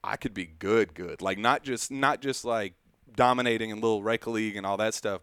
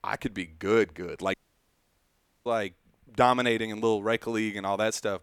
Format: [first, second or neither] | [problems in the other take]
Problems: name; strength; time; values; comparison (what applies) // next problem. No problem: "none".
first | audio cutting out; at 1.5 s for 1 s